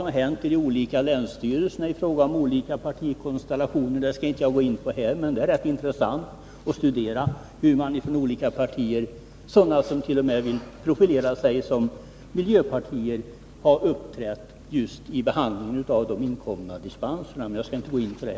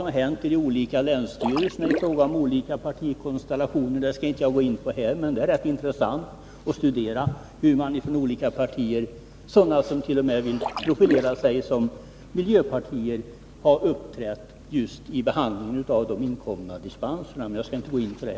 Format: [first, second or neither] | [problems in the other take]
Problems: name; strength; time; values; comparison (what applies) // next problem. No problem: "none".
first | background sound (Splash, splatter); 6 dB below the speech